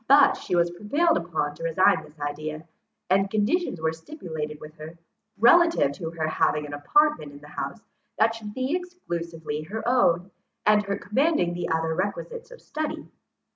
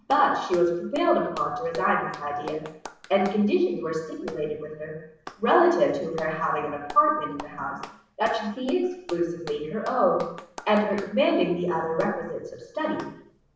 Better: first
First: none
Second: background sound (Clapping); 19 dB below the speech // room echo; dies away in 0.7 s

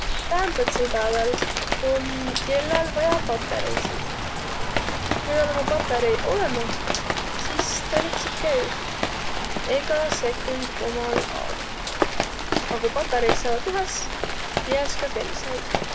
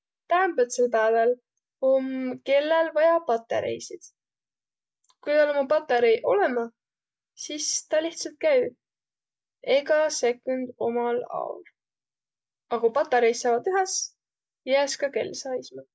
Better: second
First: background sound (Rain); 1 dB above the speech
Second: none

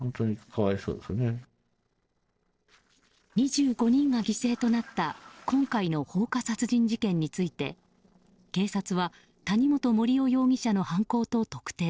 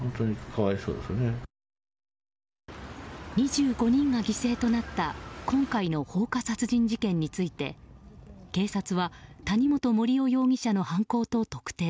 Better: second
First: noise reduction (neural separator model SepFormer DNS4)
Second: none

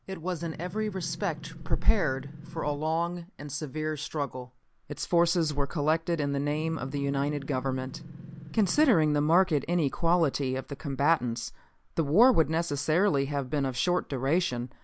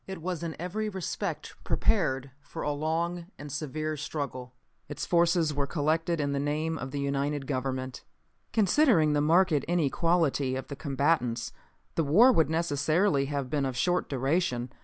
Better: second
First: background sound (Engine); 14 dB below the speech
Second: none

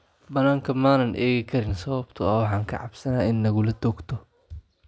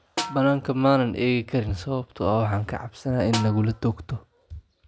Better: first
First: none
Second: background sound (Snare drum); 11 dB below the speech

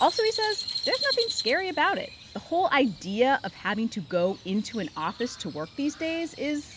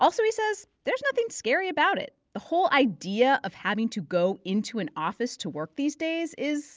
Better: second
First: background sound (Crow); 9 dB below the speech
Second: none

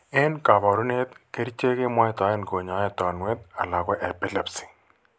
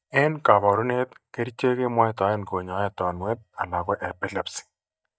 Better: first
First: none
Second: noise reduction (neural mask model DeepFilterNet 3)

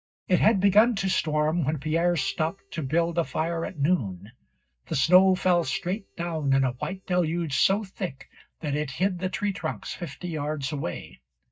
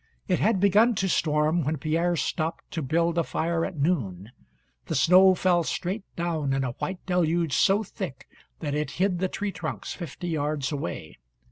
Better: second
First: noise reduction (neural mask model DeepFilterNet 3)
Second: none

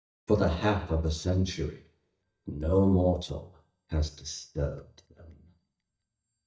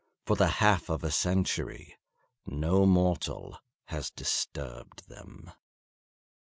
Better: second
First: noise reduction (neural mask model DeepFilterNet 3)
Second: none

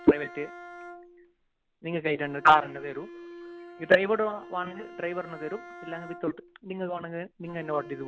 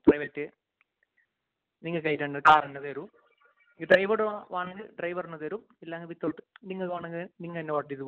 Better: second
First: background sound (Bowed string instrument); 17 dB below the speech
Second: none

